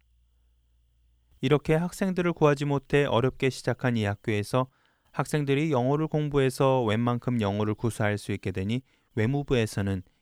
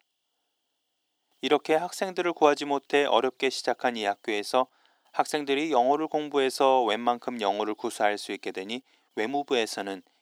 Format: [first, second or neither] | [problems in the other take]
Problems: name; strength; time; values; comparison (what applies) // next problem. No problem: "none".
first | thin; somewhat; fading below 300 Hz